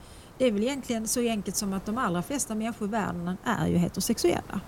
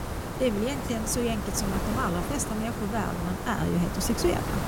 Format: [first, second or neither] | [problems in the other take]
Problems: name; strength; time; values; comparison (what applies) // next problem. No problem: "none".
first | hiss; loud; throughout; 3 dB below the speech; faint in the first